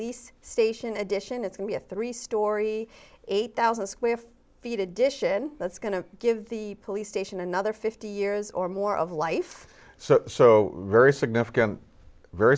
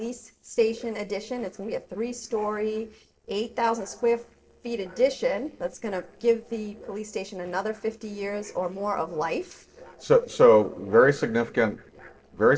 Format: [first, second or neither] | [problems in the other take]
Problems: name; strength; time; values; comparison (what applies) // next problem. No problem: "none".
first | noise reduction (neural separator model SepFormer DNS4)